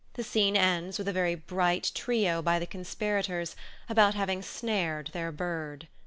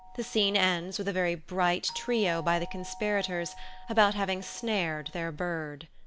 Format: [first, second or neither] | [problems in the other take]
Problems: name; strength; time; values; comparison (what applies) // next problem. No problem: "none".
first | background sound (Doorbell); 20 dB below the speech